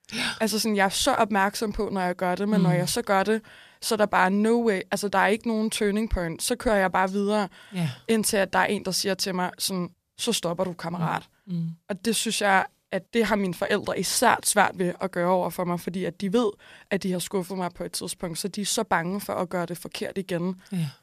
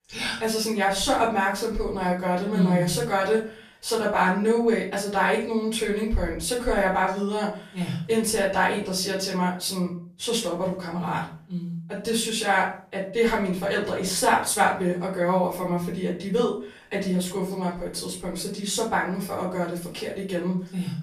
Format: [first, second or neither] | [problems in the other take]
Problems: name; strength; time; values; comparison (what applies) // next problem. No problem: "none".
first | off-mic speech; far // room echo; slight; dies away in 0.4 s